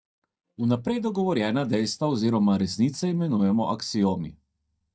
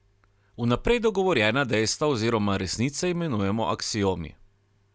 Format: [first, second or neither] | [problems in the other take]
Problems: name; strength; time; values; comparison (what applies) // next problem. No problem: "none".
second | noise reduction (neural mask model DeepFilterNet 3)